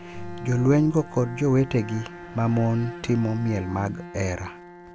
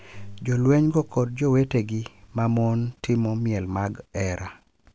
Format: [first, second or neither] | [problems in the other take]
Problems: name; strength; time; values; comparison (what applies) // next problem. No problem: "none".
second | background sound (Bowed string instrument); 14 dB below the speech